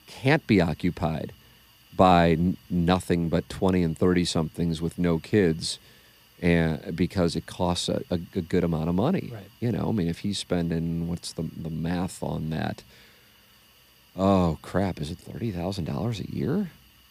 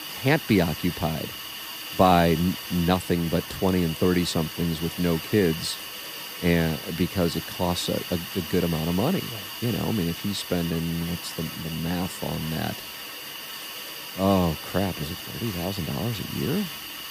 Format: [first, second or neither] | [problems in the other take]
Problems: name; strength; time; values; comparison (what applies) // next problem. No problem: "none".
first | hiss; loud; throughout; 8 dB below the speech; faint in the first